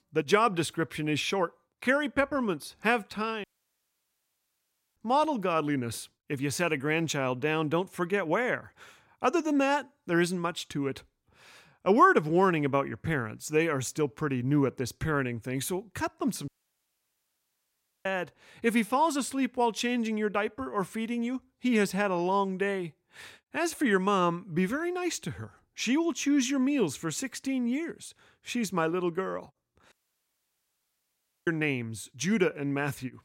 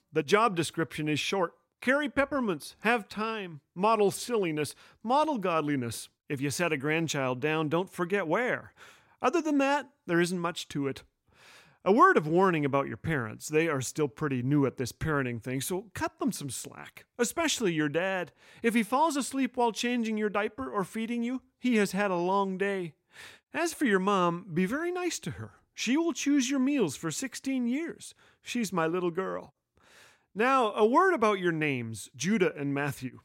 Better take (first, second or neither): second